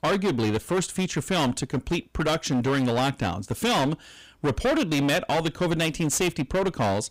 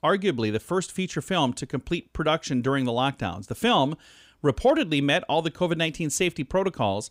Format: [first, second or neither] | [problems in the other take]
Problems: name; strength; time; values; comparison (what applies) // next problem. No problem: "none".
second | distortion; heavy; 22% of the sound clipped